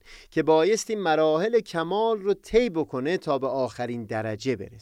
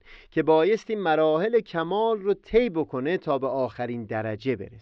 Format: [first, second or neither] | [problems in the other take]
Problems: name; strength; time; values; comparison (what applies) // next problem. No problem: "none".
first | muffled; slightly; fading above 3.5 kHz